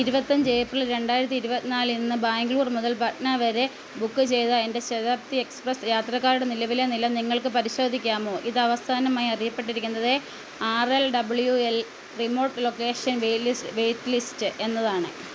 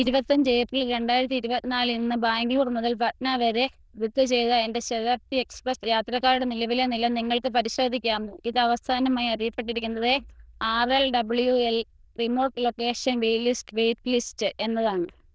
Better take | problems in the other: first | noise reduction (neural diffusion model UNIVERSE++)

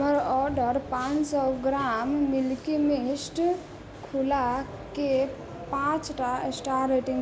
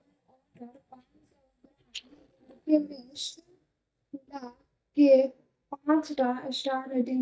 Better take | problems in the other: first | noise reduction (neural mask model DeepFilterNet 3)

